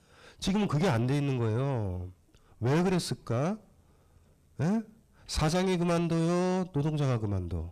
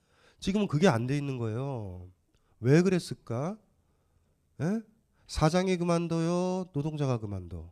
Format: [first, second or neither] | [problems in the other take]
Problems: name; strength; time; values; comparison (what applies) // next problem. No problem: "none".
second | distortion; heavy; 5 dB below the speech